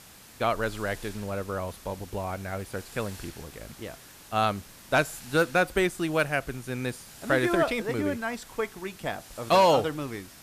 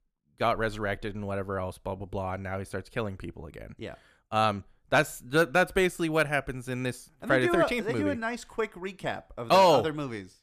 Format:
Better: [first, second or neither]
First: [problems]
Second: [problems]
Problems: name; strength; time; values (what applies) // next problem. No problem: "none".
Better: second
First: hiss; noticeable; throughout; 20 dB below the speech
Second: none